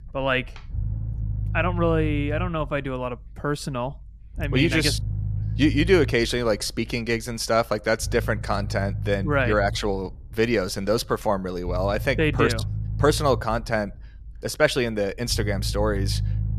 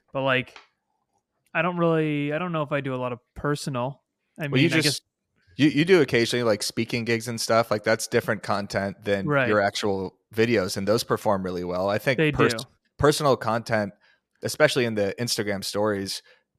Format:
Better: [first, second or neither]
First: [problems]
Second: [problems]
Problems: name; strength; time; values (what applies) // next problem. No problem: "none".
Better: second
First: low rumble; faint; throughout; 20 dB below the speech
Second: none